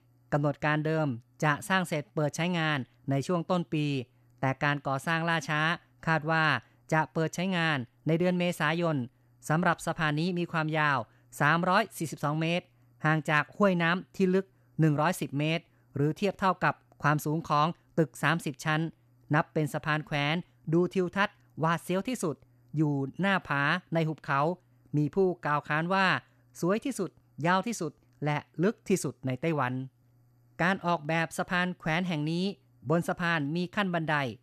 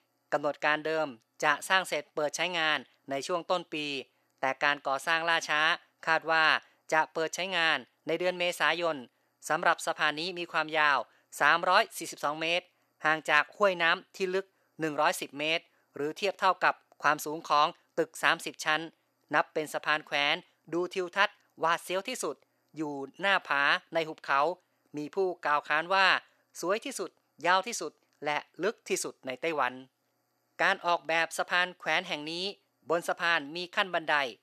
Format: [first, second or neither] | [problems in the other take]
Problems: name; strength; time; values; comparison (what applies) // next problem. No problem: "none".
first | thin; very; fading below 500 Hz